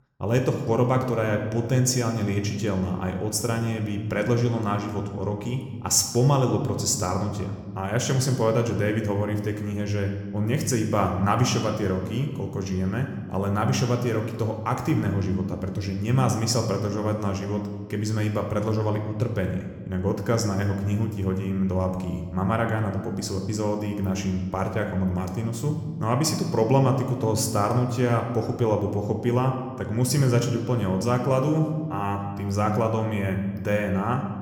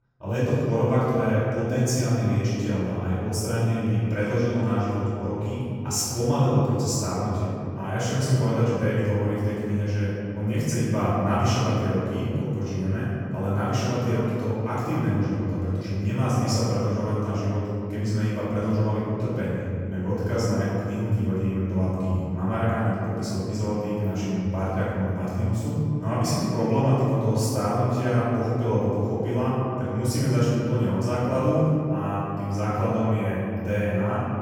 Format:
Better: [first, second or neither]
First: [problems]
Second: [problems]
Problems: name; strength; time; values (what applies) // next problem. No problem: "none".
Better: first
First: room echo; slight; dies away in 1.2 s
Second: room echo; strong; dies away in 2.7 s // off-mic speech; far